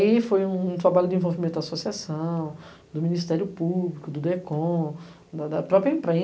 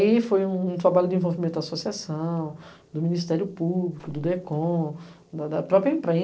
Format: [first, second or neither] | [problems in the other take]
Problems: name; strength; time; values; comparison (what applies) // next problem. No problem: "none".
first | noise reduction (neural separator model SepFormer DNS4)